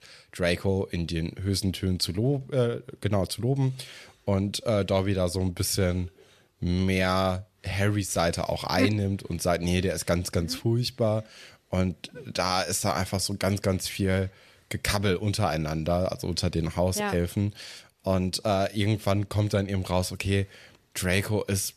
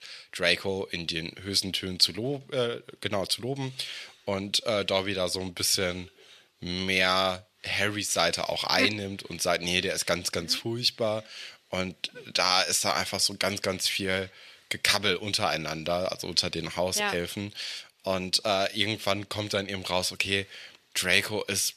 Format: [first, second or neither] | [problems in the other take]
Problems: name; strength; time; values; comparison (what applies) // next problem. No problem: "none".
first | thin; somewhat; fading below 400 Hz